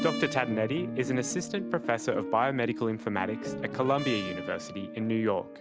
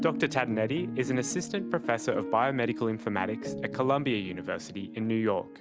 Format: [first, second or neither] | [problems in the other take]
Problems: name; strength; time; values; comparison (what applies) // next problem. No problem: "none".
second | background sound (Brass instrument); 14 dB below the speech